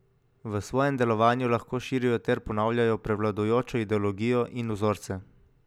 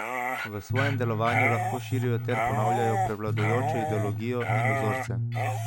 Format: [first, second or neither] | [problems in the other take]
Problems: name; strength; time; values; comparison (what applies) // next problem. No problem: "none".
first | background sound (Dog + Bass guitar); 4 dB above the speech